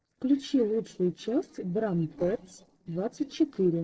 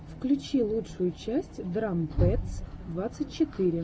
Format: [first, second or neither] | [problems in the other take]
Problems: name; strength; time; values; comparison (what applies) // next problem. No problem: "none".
second | noise reduction (neural separator model SepFormer DNS4)